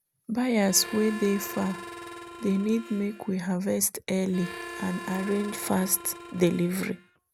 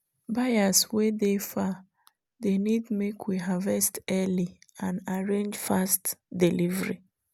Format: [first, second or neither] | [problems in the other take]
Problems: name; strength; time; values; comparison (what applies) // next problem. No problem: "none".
second | background sound (Harmonica); 13 dB below the speech